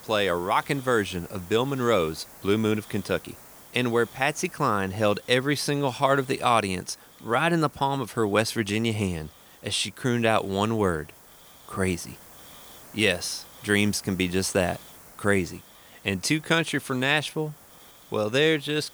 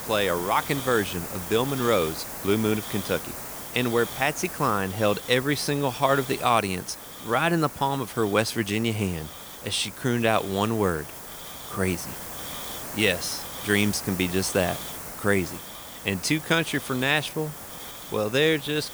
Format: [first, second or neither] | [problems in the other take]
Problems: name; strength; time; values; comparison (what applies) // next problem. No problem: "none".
first | hiss; loud; throughout; 10 dB below the speech; faint in the first